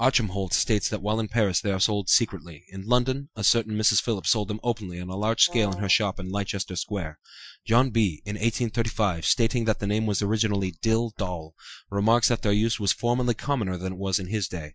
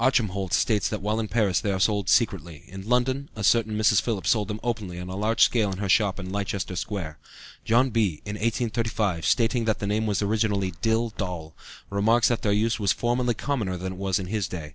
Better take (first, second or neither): second